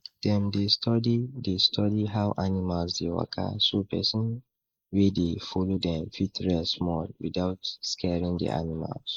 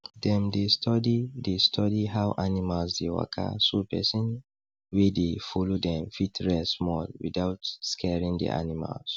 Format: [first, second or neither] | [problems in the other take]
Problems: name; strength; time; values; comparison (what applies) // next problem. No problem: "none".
second | noise reduction (neural mask model Resemble Enhance denoiser)